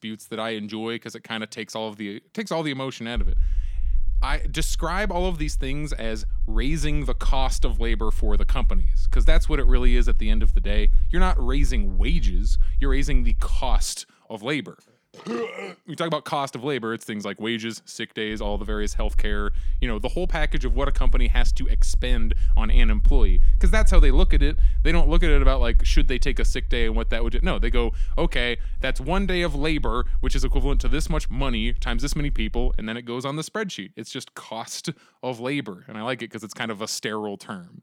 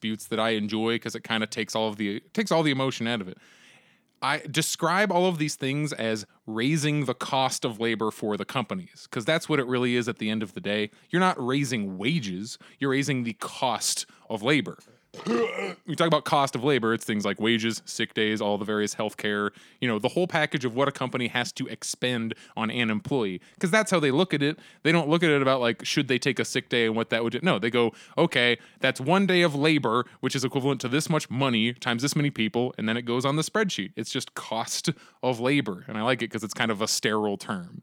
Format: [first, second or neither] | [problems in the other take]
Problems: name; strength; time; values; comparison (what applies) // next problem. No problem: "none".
second | low rumble; faint; from 3 to 14 s and from 18 to 33 s; 25 dB below the speech